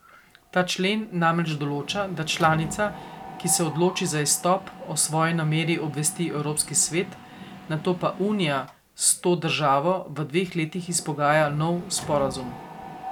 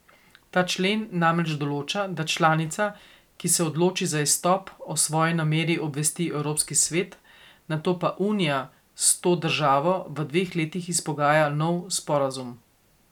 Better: second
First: background sound (Mechanisms); 16 dB below the speech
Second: none

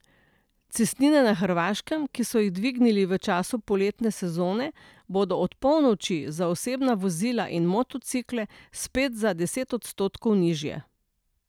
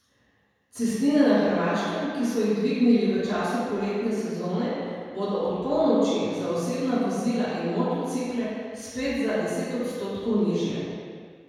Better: first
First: none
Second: room echo; dies away in 1.9 s

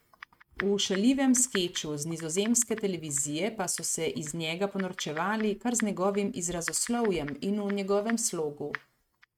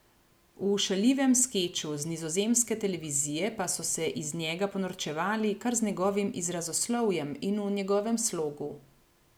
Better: second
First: noise reduction (neural mask model RNNoise)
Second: none

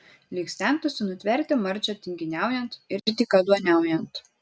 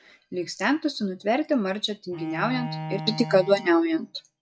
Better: first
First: none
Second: noise reduction (classical method log-MMSE)

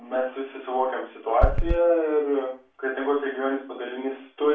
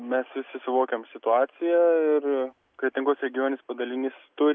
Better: second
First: background sound (Run); 4 dB above the speech // room echo; dies away in 0.3 s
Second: none

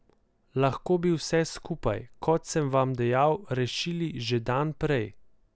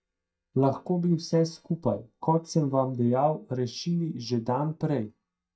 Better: first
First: none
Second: noise reduction (neural mask model DeepFilterNet 3)

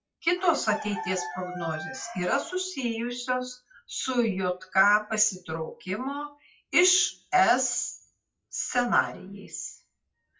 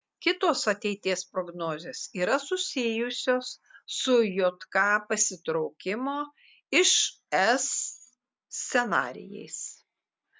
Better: second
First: noise reduction (classical method WPE with log-MMSE)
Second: none

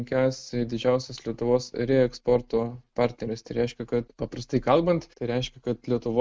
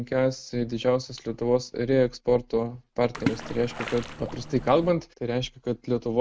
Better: first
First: none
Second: background sound (Splash, splatter); 8 dB below the speech

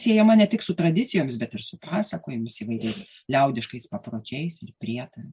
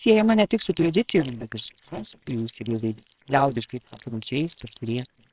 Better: first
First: none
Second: noise reduction (neural separator model SepFormer WHAMR!)

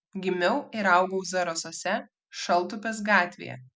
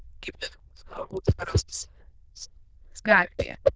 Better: first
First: none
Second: noise reduction (neural diffusion model UNIVERSE++)

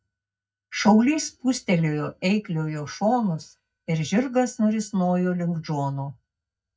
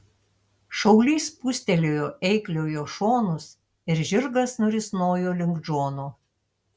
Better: second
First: noise reduction (neural mask model DeepFilterNet 3)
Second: none

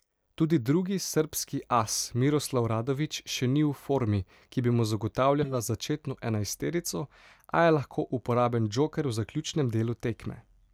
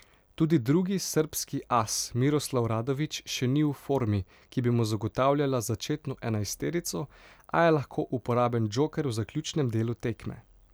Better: second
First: noise reduction (neural mask model DeepFilterNet 3)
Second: none

